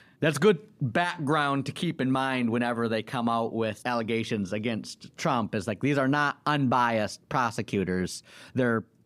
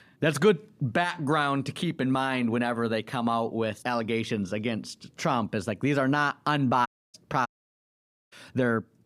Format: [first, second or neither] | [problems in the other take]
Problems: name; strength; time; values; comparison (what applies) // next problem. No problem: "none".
first | audio cutting out; at 7 s and at 7.5 s for 1 s